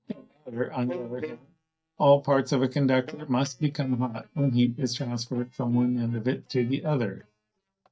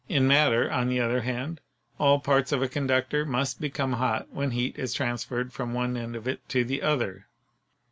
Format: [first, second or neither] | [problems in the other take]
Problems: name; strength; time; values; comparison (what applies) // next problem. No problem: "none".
second | noise reduction (neural mask model DeepFilterNet 3)